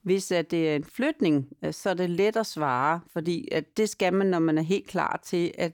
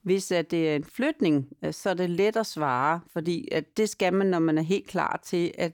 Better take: neither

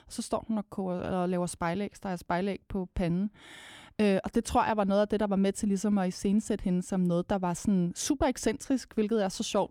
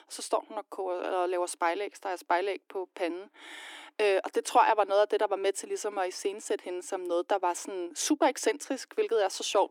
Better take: first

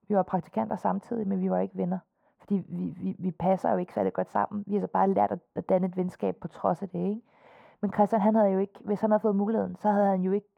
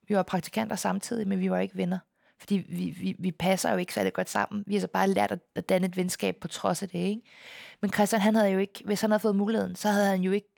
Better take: second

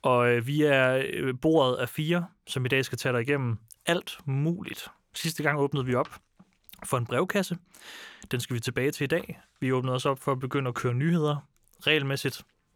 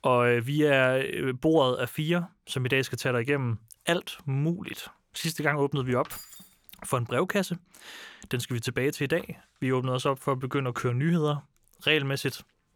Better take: first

